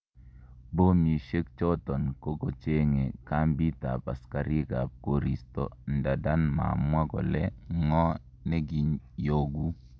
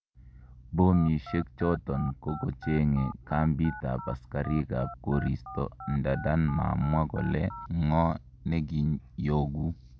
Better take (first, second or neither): first